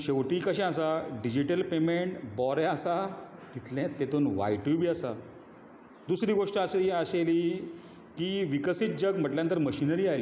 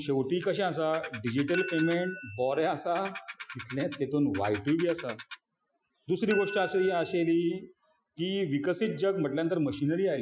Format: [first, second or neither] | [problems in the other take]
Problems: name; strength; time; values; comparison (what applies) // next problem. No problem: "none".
first | noise reduction (classical method Wiener filter)